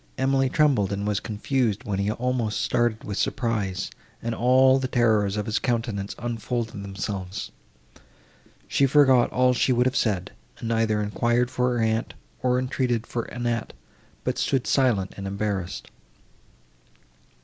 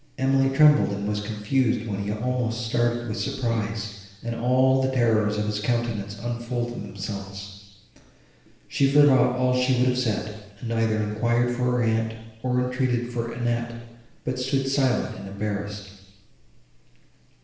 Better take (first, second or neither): first